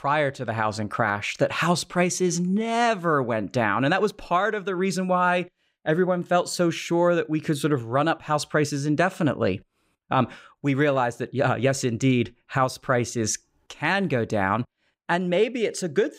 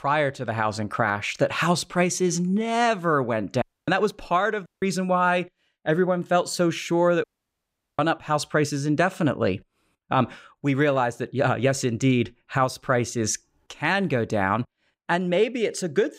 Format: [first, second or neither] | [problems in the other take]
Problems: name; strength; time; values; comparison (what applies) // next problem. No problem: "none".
first | audio cutting out; at 3.5 s, at 4.5 s and at 7 s for 0.5 s